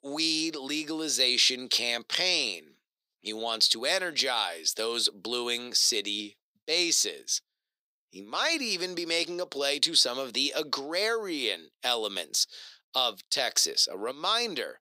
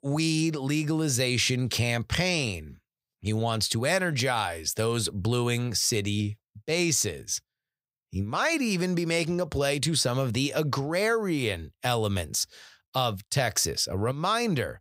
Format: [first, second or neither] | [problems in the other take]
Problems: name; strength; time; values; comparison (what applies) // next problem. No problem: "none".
second | thin; somewhat; fading below 300 Hz